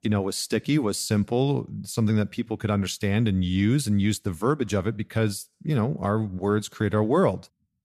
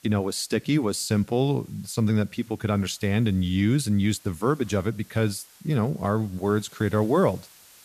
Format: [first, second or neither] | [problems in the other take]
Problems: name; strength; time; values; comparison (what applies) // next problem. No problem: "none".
first | hiss; faint; throughout; 25 dB below the speech